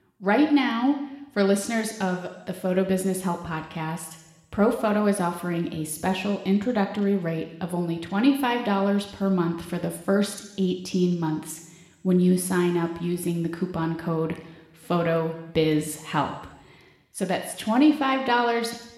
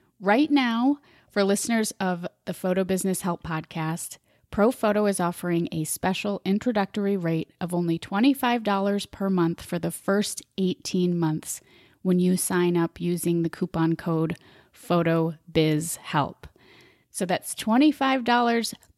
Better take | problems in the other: second | room echo; slight; dies away in 0.9 s

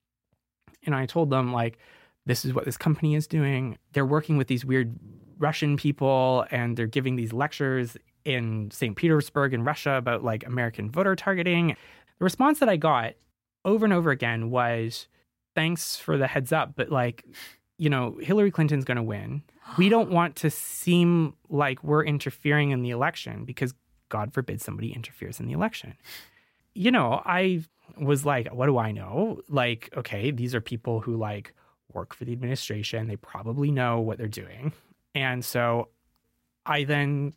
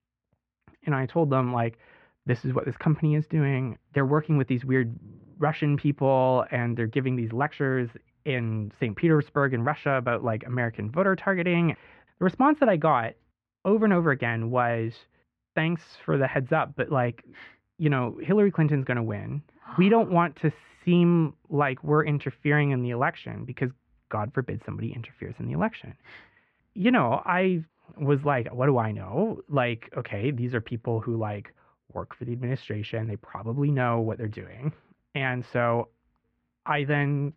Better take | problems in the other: first | muffled; very; fading above 2.5 kHz

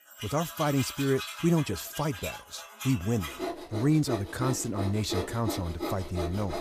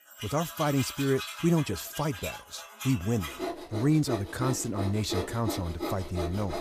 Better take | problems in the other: neither | machinery noise; loud; throughout; 7 dB below the speech; the same in both

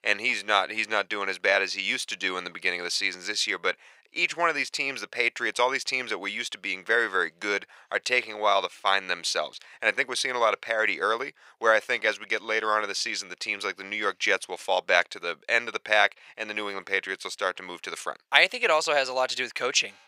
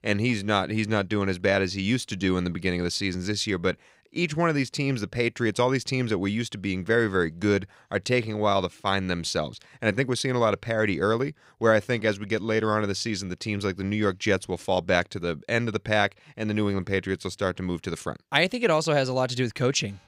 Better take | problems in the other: second | thin; very; fading below 750 Hz

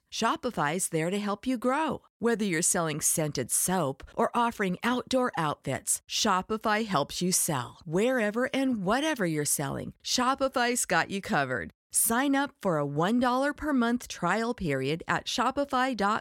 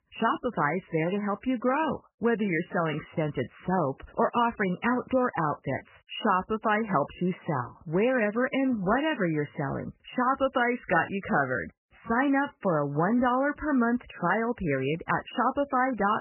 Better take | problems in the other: first | garbled, watery; badly; nothing above 3 kHz

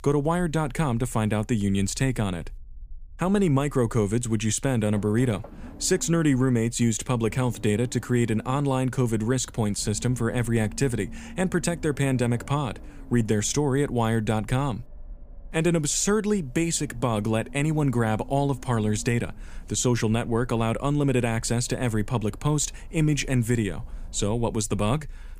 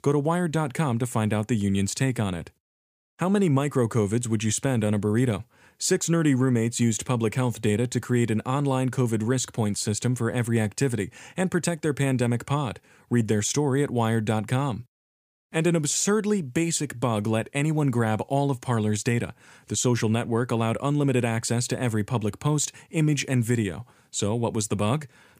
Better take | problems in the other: second | low rumble; faint; throughout; 25 dB below the speech

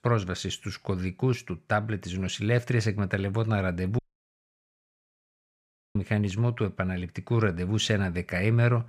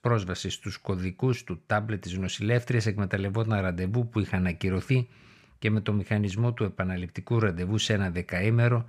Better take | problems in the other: second | audio cutting out; at 4 s for 2 s

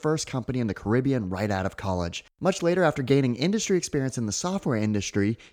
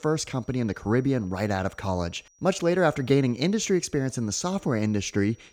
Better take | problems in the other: first | high-pitched whine; faint; throughout; 6 kHz, 35 dB below the speech

